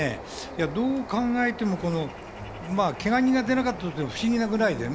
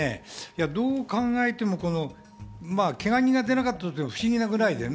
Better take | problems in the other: second | background sound (Bird); 14 dB below the speech

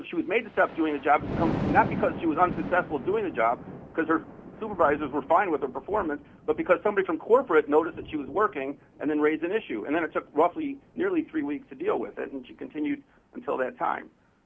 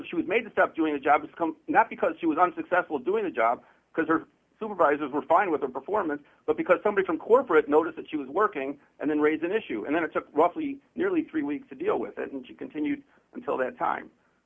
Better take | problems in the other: second | background sound (Thunder); 12 dB below the speech

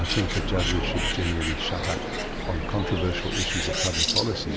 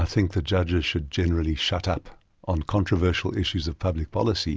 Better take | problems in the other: second | background sound (Bird); 1 dB above the speech

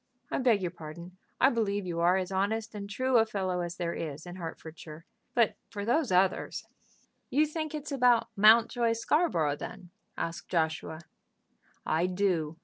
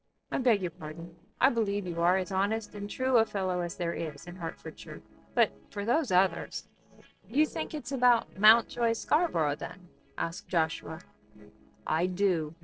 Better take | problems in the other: first | noise reduction (neural separator model SepFormer DNS4)

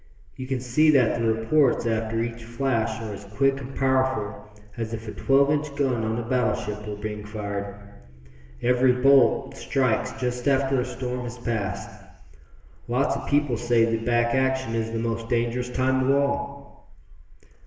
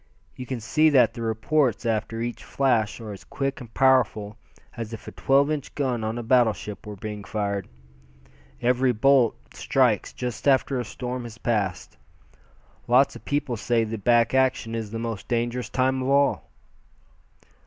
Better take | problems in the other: second | room echo; dies away in 1.3 s

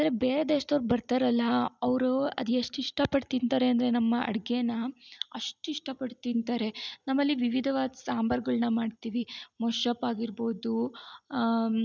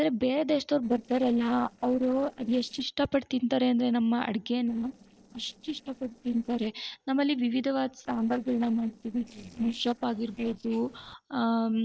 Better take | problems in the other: first | noise reduction (neural separator model SepFormer DNS4)

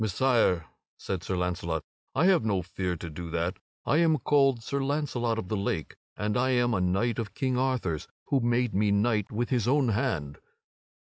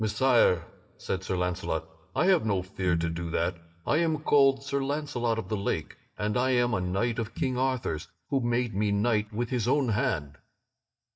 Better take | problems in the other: first | noise reduction (neural mask model DeepFilterNet 3)

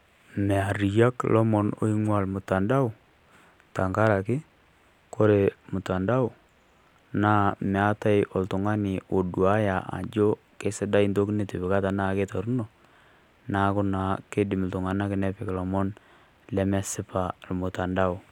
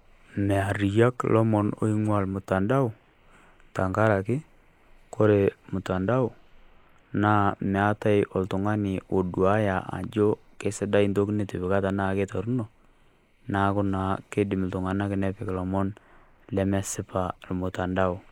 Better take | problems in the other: first | noise reduction (neural mask model Resemble Enhance denoiser)

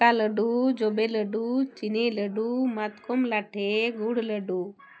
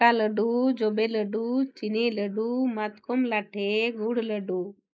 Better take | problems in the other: first | noise reduction (neural mask model Resemble Enhance denoiser)

